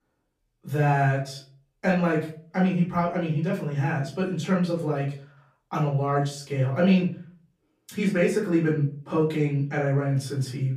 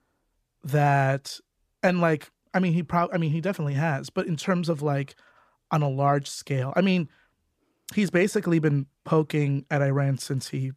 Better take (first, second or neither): second